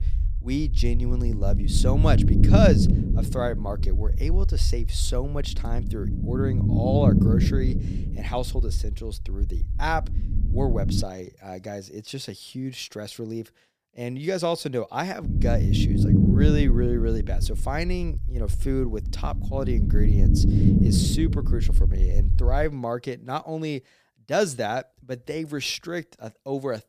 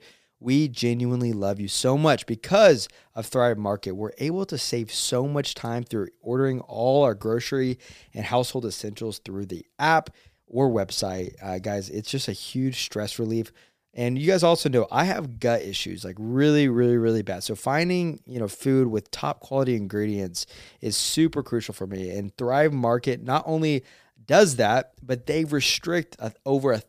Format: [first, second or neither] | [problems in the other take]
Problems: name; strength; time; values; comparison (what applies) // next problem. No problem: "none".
second | low rumble; loud; until 11 s and from 15 to 23 s; 3 dB below the speech